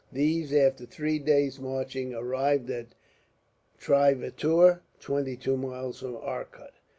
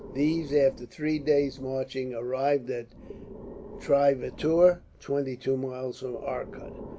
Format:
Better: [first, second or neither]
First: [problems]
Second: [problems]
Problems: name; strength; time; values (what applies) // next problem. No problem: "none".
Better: first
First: none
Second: background sound (Breathing); 17 dB below the speech